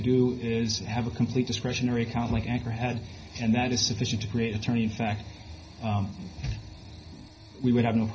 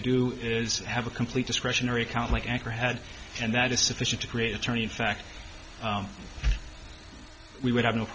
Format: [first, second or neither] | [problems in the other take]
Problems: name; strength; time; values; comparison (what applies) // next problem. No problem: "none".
second | room echo; dies away in 0.4 s